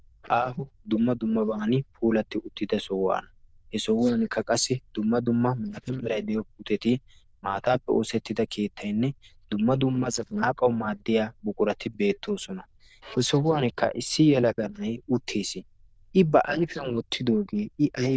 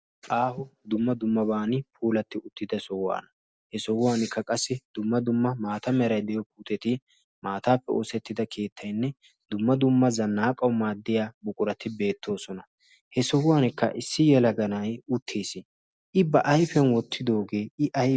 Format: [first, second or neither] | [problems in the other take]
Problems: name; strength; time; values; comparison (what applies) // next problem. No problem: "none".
second | noise reduction (neural diffusion model UNIVERSE++)